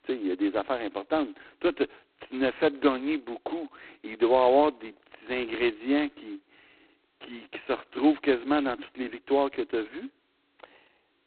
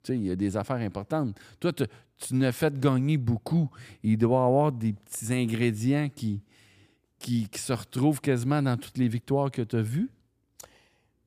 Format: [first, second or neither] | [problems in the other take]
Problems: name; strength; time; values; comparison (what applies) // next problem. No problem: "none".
second | phone-call audio; poor line; nothing above 4 kHz